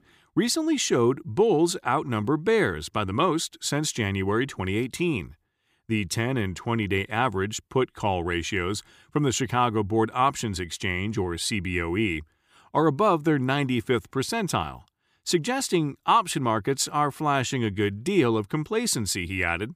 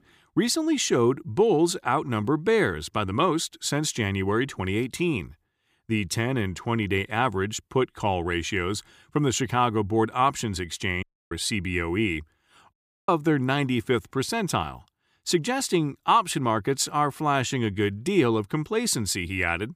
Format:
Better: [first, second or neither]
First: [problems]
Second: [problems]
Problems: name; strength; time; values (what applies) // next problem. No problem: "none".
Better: first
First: none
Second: audio cutting out; at 11 s and at 13 s